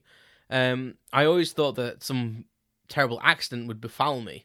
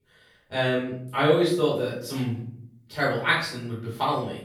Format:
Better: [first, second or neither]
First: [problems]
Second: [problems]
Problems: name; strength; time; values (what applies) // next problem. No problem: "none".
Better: first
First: none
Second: off-mic speech; far // room echo; noticeable; dies away in 0.6 s